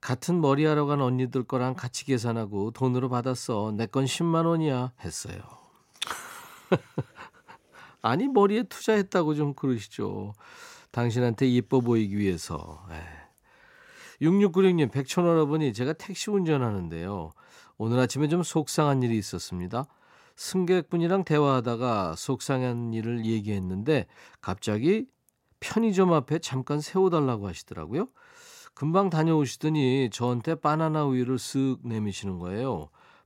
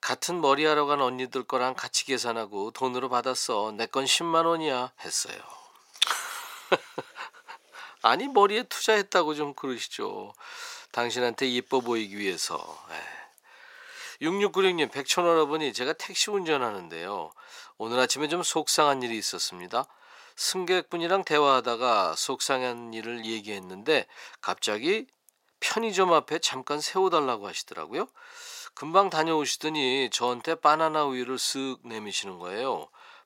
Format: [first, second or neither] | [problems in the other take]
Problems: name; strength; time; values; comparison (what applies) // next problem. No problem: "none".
first | thin; very; fading below 550 Hz